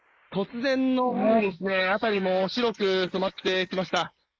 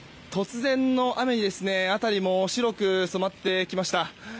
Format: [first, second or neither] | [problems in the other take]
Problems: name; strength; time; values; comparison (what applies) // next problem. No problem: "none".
second | noise reduction (neural mask model Resemble Enhance denoiser)